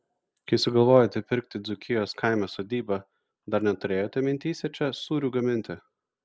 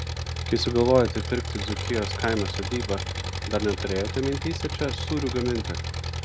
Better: first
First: none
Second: background sound (Engine); 3 dB below the speech

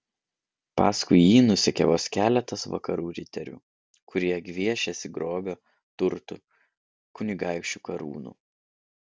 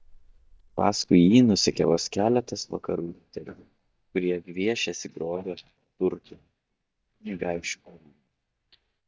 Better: first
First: none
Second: noise reduction (neural mask model DeepFilterNet 3)

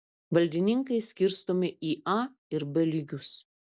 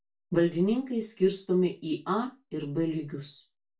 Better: first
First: none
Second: room echo; dies away in 0.2 s

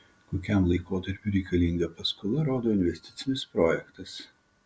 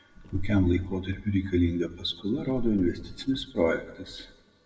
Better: first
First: none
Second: background sound (Car); 10 dB below the speech // room echo; dies away in 0.9 s

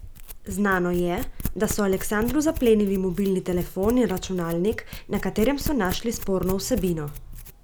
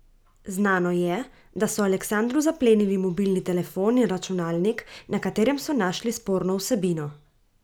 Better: second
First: background sound (Domestic sounds, home sounds); 9 dB below the speech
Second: none

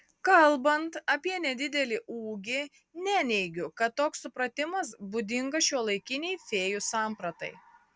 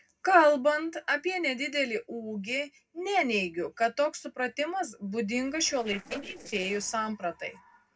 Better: first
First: none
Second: noise reduction (neural separator model SepFormer DNS4)

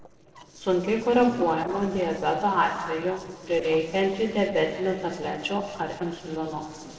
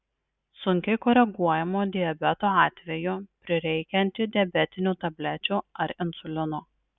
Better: second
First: noise reduction (neural separator model SepFormer DNS4)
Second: none

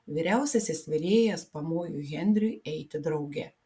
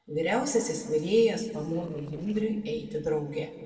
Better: first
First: none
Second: noise reduction (neural separator model SepFormer DNS4)

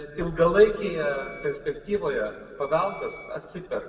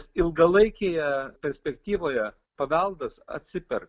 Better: second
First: background sound (Wind instrument, woodwind instrument); 20 dB below the speech // room echo; dies away in 1.6 s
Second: none

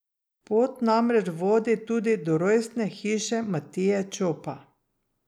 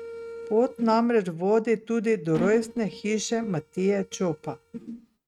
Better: first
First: none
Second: noise reduction (neural mask model RNNoise)

